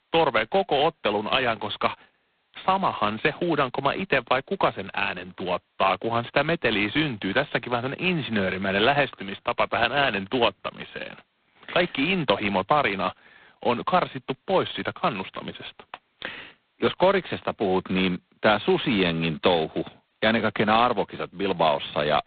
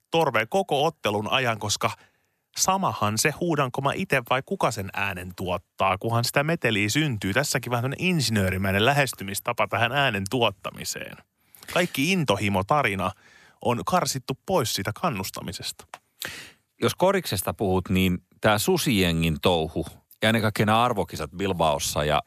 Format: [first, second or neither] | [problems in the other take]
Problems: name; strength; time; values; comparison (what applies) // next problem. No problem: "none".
second | phone-call audio; poor line; nothing above 4 kHz